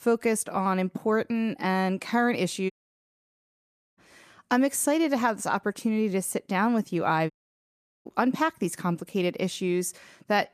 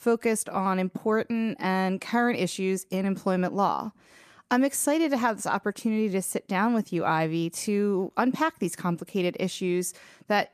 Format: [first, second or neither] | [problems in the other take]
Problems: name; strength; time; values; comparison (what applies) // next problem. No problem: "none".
second | audio cutting out; at 2.5 s for 1.5 s and at 7.5 s for 1 s